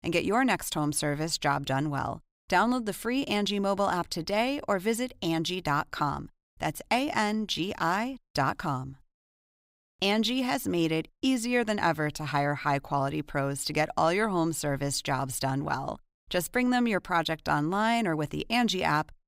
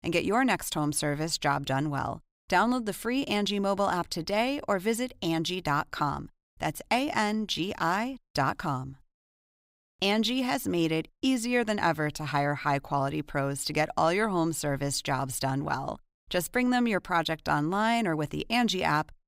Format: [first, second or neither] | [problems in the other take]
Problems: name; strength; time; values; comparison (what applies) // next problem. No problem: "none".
neither | none